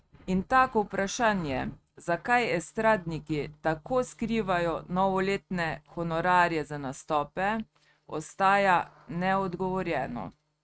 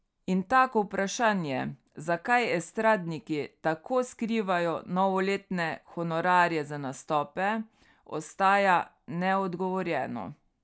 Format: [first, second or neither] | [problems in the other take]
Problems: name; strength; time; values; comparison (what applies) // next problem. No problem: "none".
second | noise reduction (neural mask model RNNoise)